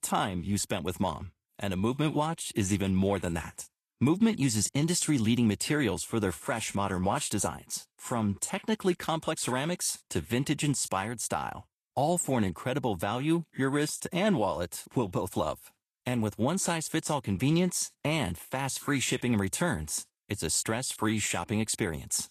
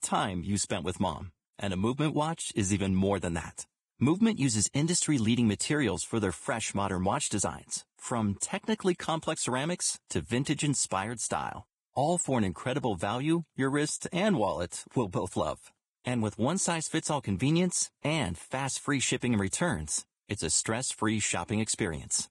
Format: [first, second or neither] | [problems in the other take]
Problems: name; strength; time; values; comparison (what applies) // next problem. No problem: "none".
first | garbled, watery; badly; slightly in the first